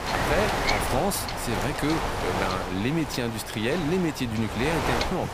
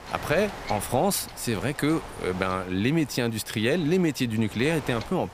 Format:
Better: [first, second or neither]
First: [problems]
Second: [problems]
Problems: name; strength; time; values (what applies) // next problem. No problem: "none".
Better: second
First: wind noise on the microphone; heavy; 1 dB above the speech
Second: wind noise on the microphone; occasional gusts; 10 dB below the speech